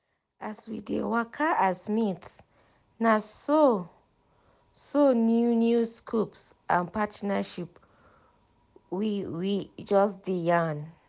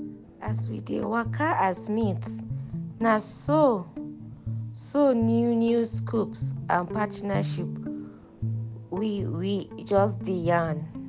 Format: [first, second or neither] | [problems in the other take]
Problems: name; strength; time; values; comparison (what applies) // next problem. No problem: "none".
first | background sound (Guitar); 6 dB below the speech